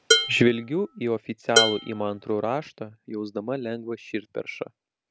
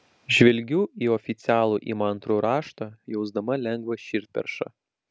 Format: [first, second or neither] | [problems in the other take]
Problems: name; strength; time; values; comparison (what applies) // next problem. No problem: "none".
second | background sound (Dishes, pots, and pans); 2 dB above the speech